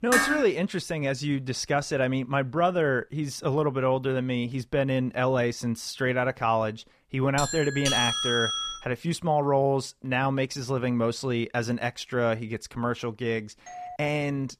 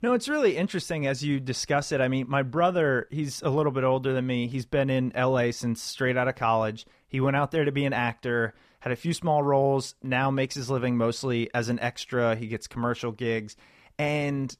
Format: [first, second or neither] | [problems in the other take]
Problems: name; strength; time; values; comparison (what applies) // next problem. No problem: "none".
second | clattering dishes; loud; at the start; peak 4 dB above the speech // doorbell; loud; from 7.5 to 9 s; peak 3 dB above the speech // doorbell; faint; at 14 s; peak 15 dB below the speech